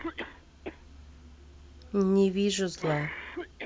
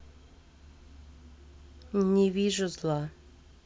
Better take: second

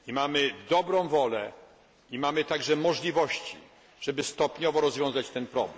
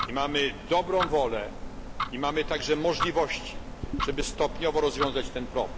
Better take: first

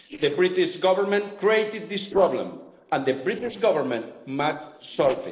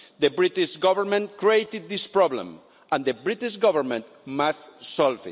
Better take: second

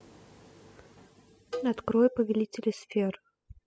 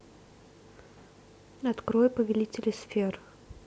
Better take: second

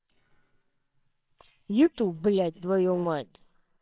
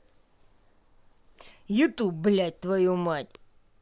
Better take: second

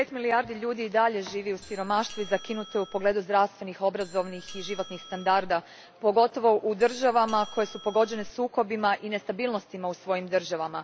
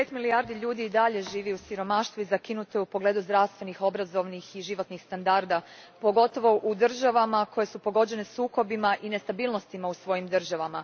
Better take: second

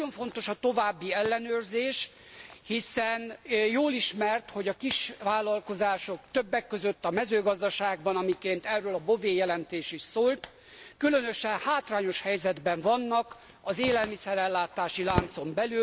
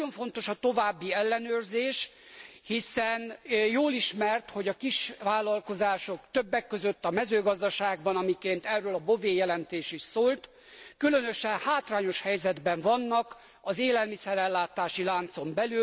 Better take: second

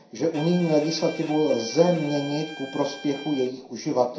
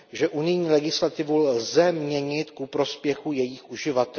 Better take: second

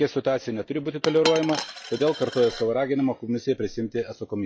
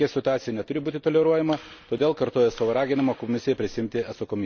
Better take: second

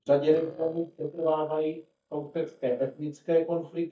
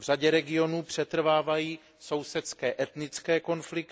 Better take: second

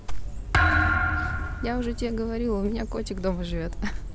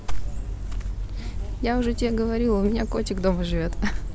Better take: second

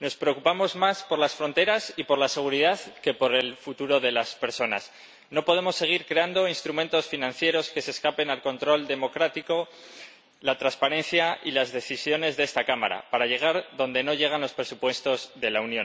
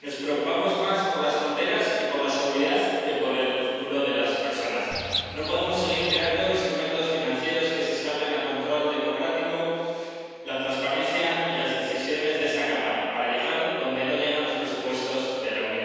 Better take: first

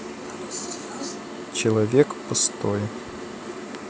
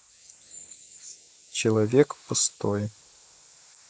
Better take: first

